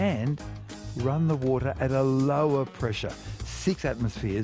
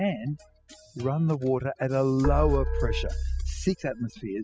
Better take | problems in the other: first | noise reduction (classical method spectral subtraction)

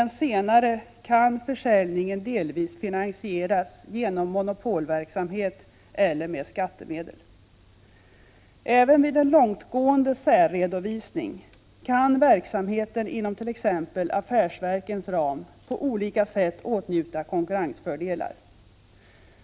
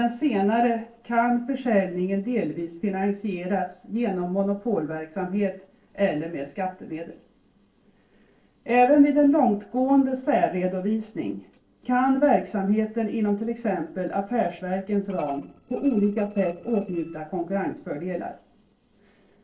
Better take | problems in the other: first | noise reduction (neural separator model SepFormer DNS4)

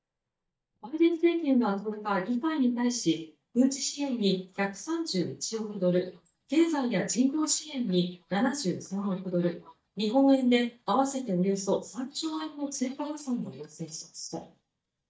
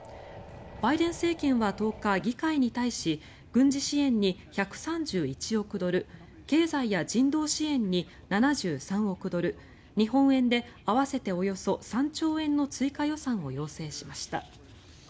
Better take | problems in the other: second | noise reduction (neural mask model DeepFilterNet 3)

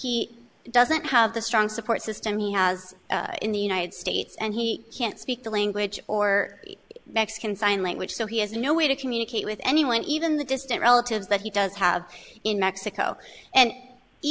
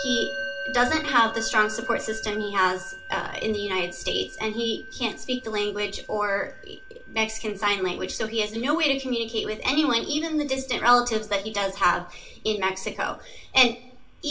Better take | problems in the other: first | background sound (Musical instrument); 14 dB below the speech // room echo; dies away in 0.3 s

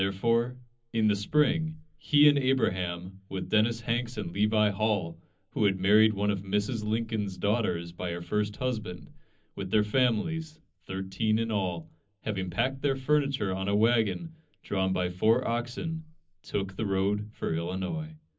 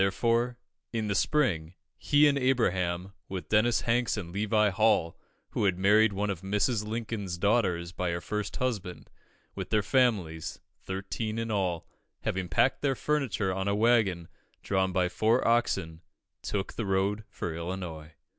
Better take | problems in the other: second | room echo; dies away in 0.4 s

